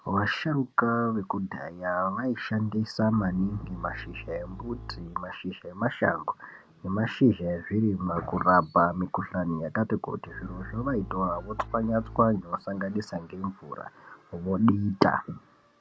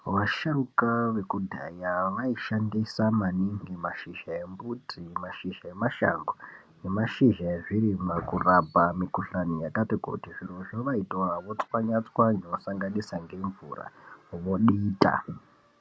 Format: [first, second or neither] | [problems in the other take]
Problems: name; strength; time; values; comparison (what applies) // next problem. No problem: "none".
second | background sound (Bowed string instrument); 15 dB below the speech